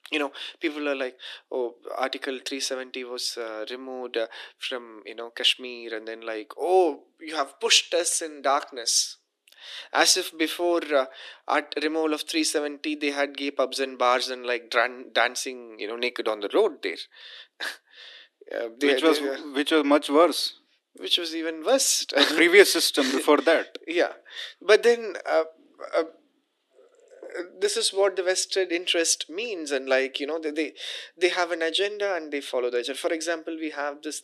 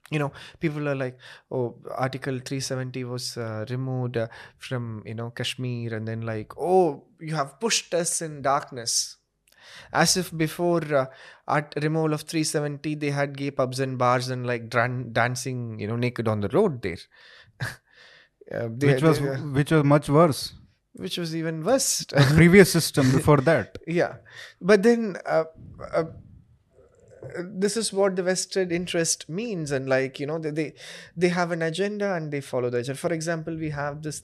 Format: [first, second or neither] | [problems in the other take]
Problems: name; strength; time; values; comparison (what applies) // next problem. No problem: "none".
second | thin; somewhat; fading below 300 Hz